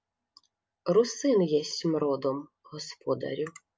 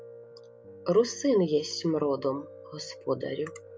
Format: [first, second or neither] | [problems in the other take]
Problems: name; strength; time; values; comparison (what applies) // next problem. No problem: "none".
first | background sound (Piano); 18 dB below the speech